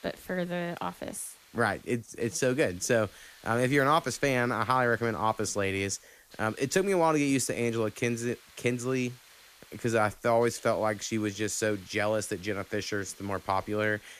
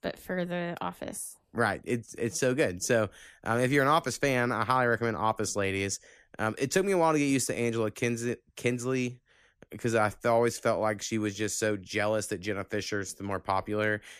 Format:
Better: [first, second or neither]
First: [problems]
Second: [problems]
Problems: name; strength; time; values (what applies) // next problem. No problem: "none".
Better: second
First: hiss; faint; throughout; 25 dB below the speech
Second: none